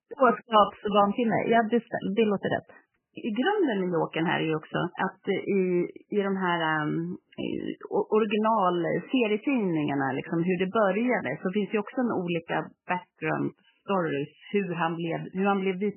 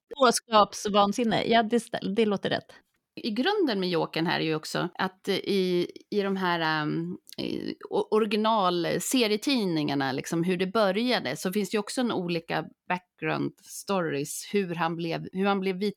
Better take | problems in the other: second | garbled, watery; badly; nothing above 3 kHz

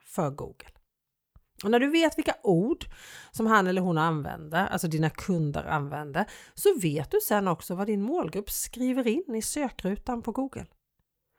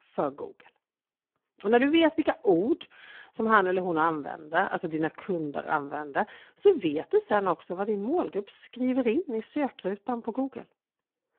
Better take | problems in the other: first | phone-call audio; poor line

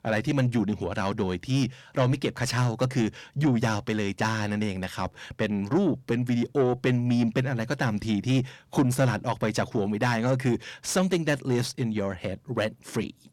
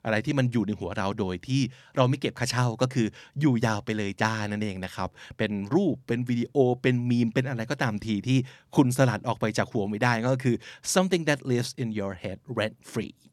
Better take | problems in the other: second | distortion; slight; 10 dB below the speech

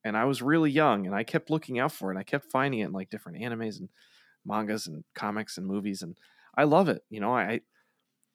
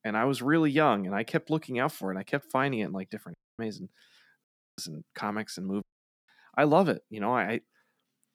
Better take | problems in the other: first | audio cutting out; at 3.5 s, at 4.5 s and at 6 s

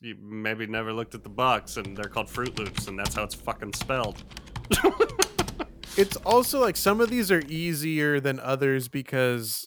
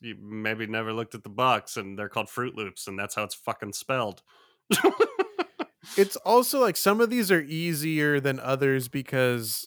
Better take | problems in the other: second | keyboard typing; noticeable; from 2 to 7 s; peak 1 dB below the speech

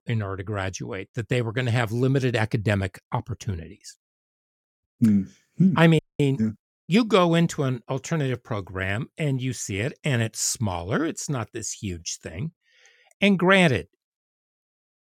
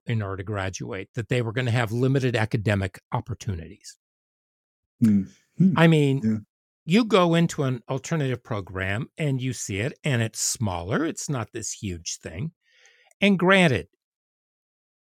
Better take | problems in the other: second | audio freezing; at 6 s

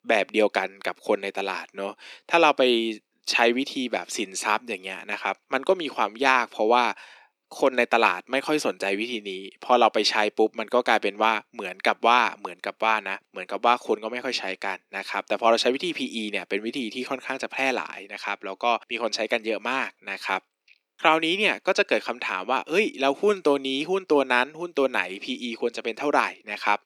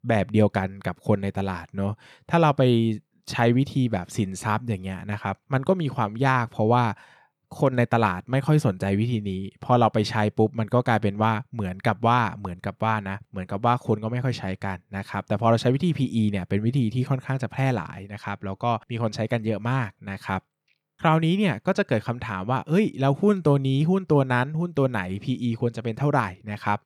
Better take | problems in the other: second | thin; somewhat; fading below 300 Hz

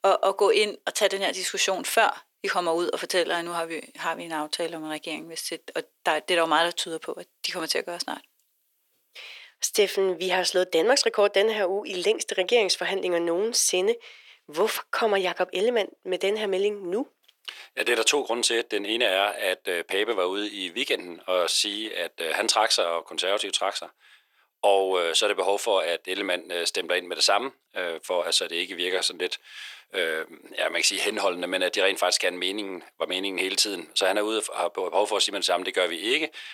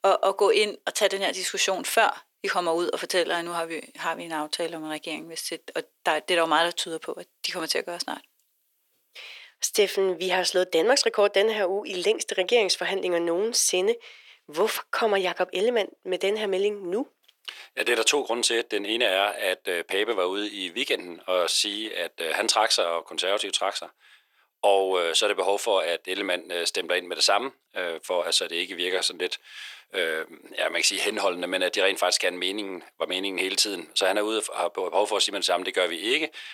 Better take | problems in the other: neither | thin; very; fading below 350 Hz; the same in both

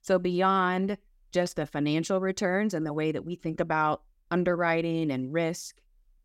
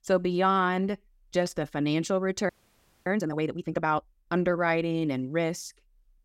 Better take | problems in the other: first | audio freezing; at 2.5 s for 0.5 s

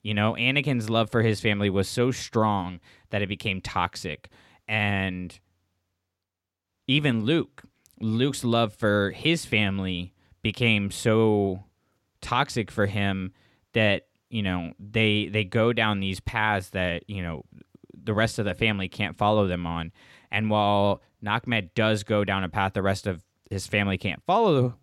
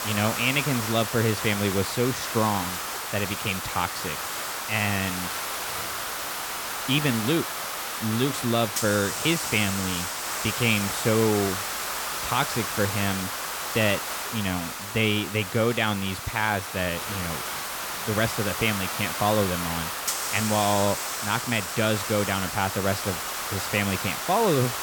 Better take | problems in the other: first | hiss; loud; throughout; 3 dB below the speech

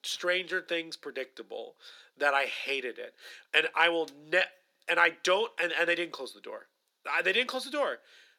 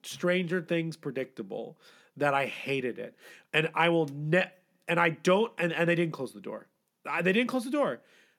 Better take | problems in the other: second | thin; very; fading below 400 Hz

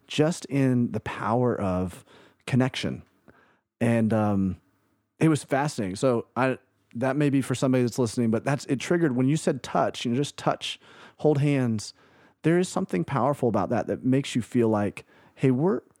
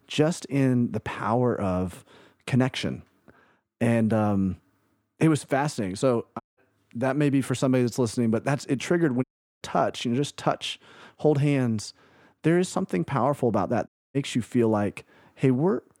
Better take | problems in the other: first | audio cutting out; at 6.5 s, at 9 s and at 14 s

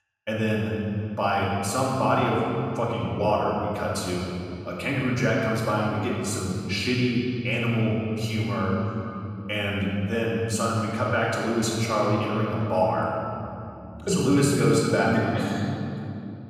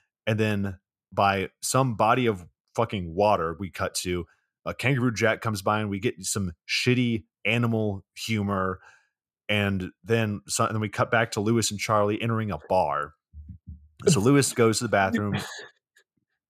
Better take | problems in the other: second | off-mic speech; far // room echo; noticeable; dies away in 3 s

